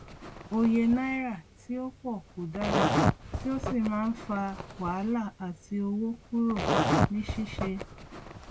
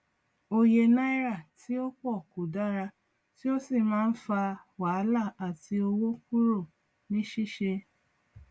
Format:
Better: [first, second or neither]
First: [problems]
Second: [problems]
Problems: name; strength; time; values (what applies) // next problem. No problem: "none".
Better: second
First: background sound (Zipper (clothing)); 1 dB below the speech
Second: none